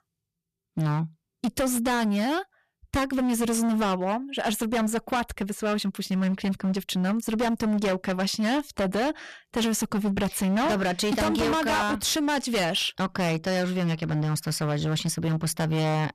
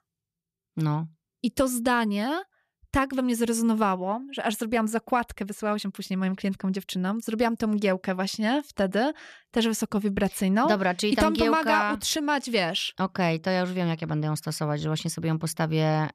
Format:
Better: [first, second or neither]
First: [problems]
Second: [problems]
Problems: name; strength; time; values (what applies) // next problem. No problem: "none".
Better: second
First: distortion; heavy; 21% of the sound clipped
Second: none